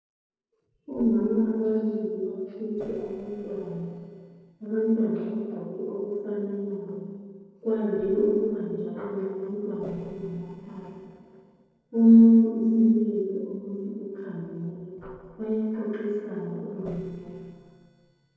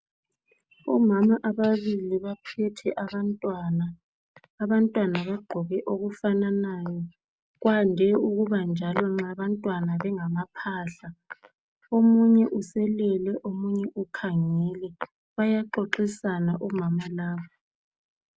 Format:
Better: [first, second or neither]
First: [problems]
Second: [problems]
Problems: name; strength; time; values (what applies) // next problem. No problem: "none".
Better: second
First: noise reduction (neural separator model SepFormer DNS4)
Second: none